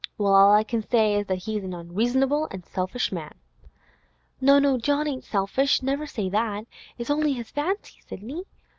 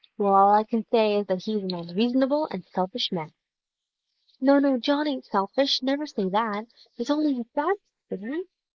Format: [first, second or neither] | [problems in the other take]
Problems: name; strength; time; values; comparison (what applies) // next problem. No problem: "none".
first | noise reduction (neural mask model Resemble Enhance denoiser)